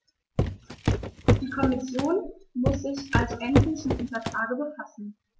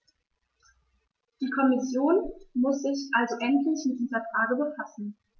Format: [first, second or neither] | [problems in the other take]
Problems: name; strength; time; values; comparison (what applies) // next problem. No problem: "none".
second | background sound (Walk, footsteps); 3 dB above the speech